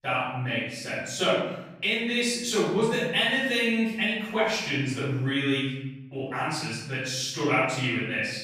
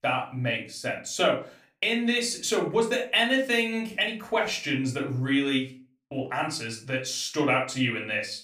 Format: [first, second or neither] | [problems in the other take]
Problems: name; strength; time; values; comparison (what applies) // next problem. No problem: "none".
second | room echo; strong; dies away in 1.2 s; slight in the second // off-mic speech; far; somewhat distant in the second